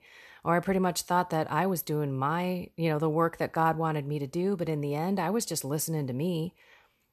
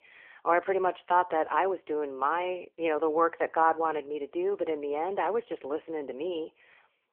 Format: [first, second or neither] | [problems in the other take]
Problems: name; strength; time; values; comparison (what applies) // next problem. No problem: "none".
first | phone-call audio; poor line